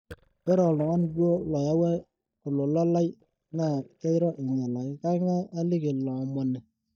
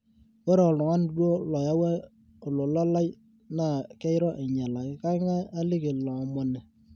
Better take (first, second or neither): second